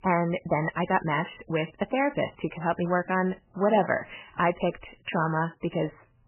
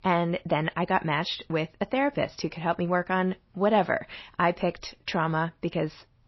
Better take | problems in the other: second | garbled, watery; badly; nothing above 3 kHz; slightly in the second

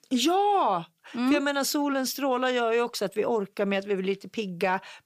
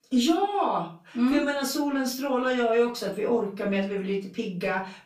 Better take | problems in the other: first | off-mic speech; far // room echo; slight; dies away in 0.3 s

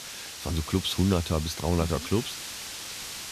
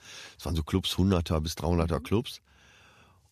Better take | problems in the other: second | hiss; loud; throughout; 8 dB below the speech

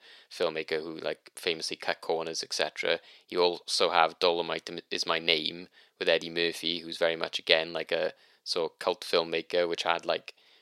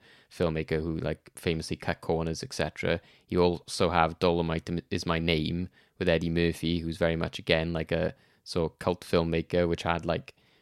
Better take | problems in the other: second | thin; very; fading below 500 Hz

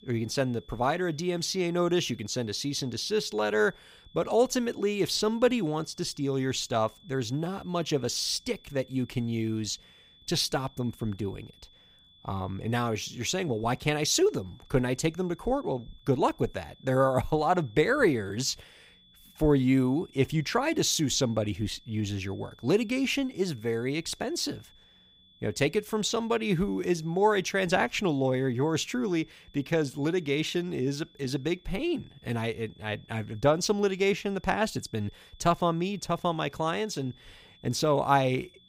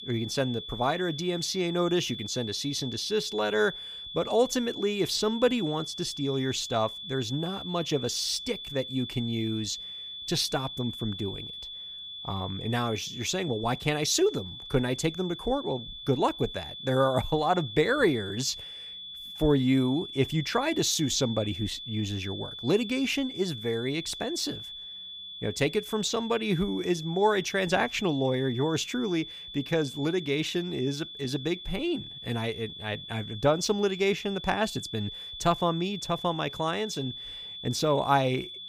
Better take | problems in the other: first | high-pitched whine; loud; throughout; 3.5 kHz, 9 dB below the speech; faint in the first

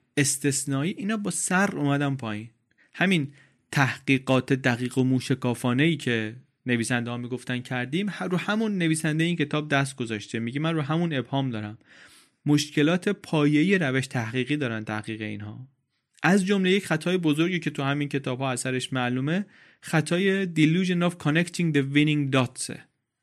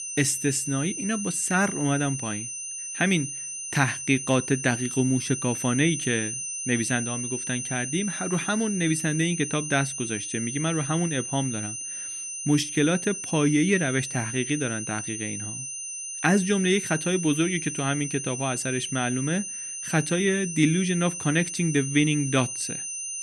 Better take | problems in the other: first | high-pitched whine; loud; throughout; 6 kHz, 5 dB below the speech

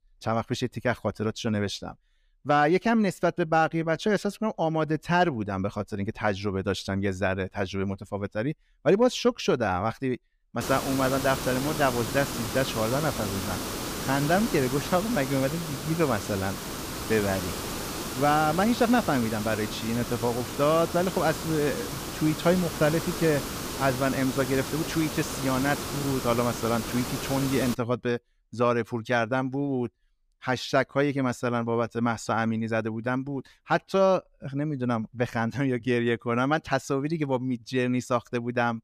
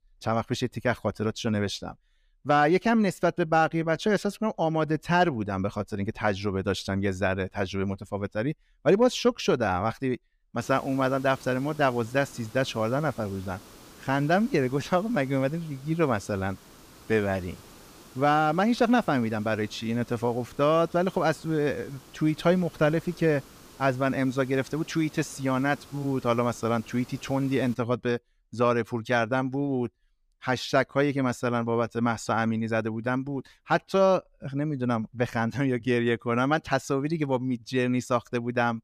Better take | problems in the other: second | hiss; loud; from 11 to 28 s; 6 dB below the speech; faint in the second

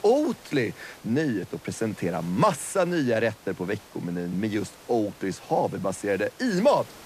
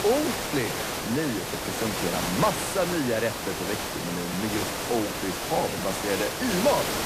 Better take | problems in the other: first | hiss; loud; throughout; as loud as the speech; faint in the first

